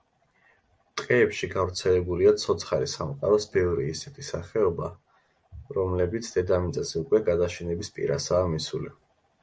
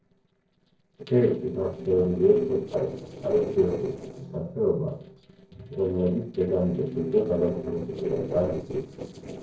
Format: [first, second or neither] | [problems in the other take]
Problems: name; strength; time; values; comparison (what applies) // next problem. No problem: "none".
first | noise reduction (neural separator model SepFormer DNS4)